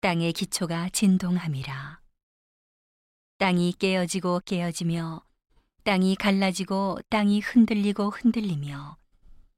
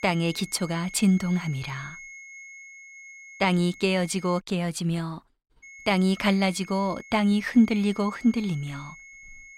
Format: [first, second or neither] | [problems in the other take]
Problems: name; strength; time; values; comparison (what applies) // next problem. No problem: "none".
first | high-pitched whine; noticeable; until 4.5 s and from 5.5 s on; 2 kHz, 20 dB below the speech